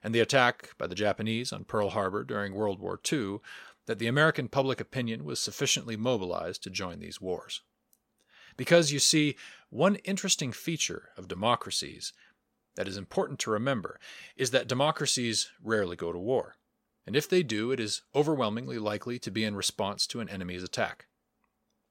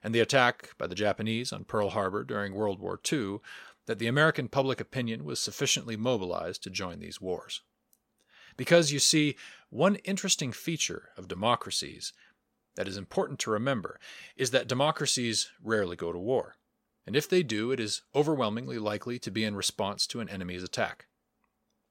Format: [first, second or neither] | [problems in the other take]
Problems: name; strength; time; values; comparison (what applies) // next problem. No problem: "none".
neither | none